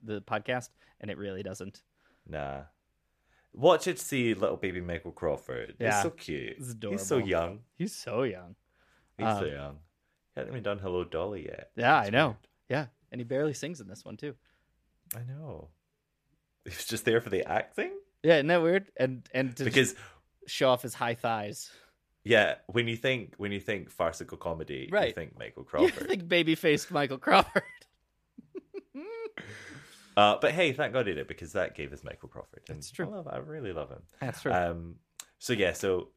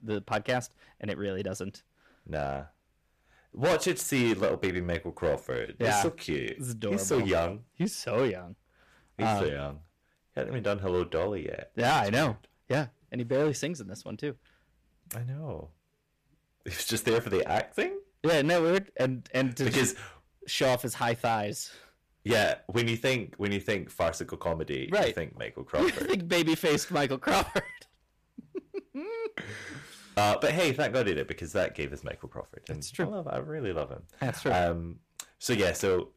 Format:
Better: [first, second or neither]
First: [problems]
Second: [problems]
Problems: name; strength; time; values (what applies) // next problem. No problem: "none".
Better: first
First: none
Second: distortion; heavy; 7% of the sound clipped